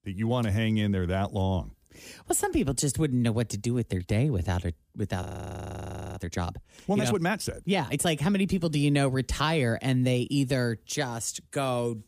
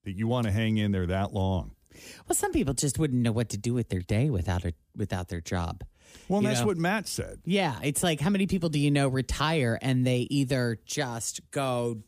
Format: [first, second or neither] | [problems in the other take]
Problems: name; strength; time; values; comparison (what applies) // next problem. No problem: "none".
second | audio freezing; at 5 s for 1 s